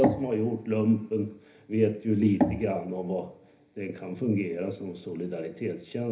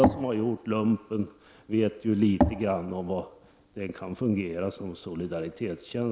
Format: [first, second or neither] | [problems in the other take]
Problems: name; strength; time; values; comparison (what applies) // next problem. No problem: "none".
second | room echo; dies away in 0.3 s